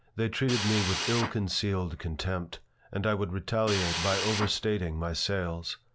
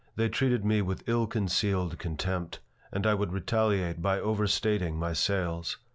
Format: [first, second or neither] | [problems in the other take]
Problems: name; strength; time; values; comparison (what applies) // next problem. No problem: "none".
second | background sound (Drill); 4 dB below the speech